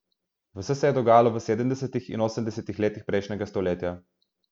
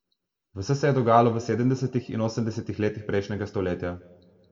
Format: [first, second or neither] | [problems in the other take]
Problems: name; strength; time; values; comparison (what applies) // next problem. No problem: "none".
first | room echo; dies away in 0.8 s